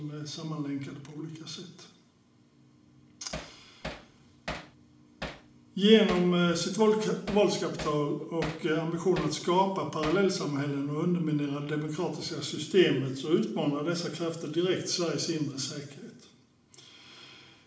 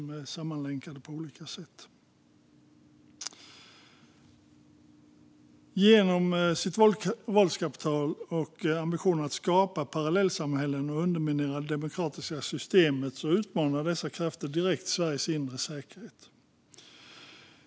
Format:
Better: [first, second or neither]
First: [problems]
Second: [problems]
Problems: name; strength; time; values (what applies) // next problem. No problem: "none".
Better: second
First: background sound (Hammer); 13 dB below the speech // room echo; dies away in 0.9 s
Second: none